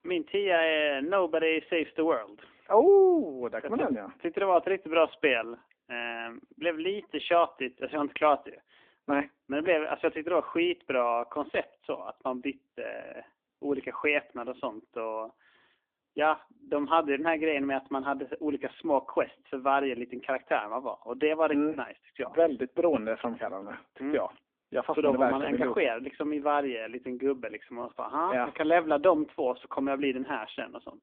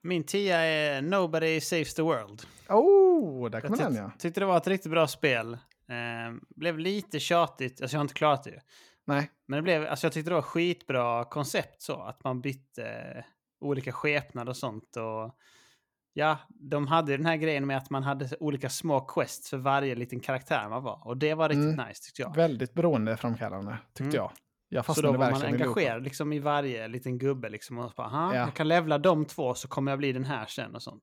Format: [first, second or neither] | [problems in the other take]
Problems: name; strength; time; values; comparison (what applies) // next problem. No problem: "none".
second | phone-call audio